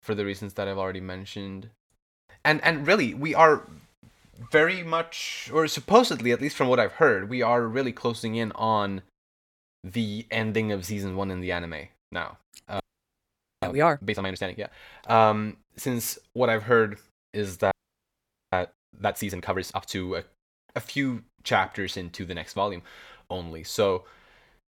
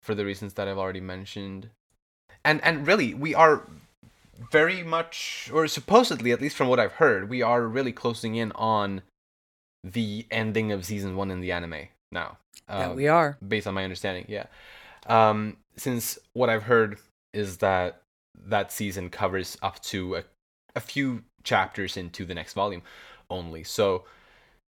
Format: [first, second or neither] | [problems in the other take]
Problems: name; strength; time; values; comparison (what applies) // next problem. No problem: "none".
second | audio freezing; at 13 s for 1 s and at 18 s for 1 s